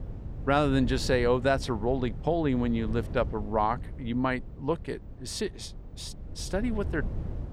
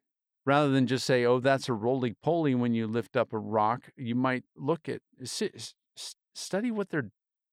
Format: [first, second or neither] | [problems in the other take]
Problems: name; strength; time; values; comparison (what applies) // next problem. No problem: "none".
second | wind noise on the microphone; occasional gusts; 20 dB below the speech